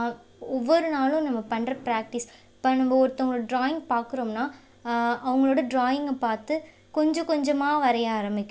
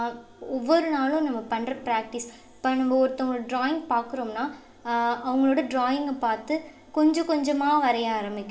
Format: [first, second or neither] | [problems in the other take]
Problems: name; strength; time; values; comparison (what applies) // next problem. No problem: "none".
first | room echo; dies away in 2.7 s